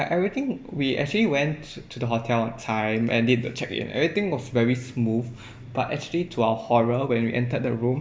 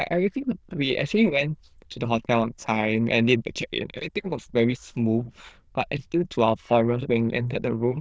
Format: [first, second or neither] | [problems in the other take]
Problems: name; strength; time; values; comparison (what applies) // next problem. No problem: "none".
first | noise reduction (neural diffusion model UNIVERSE++)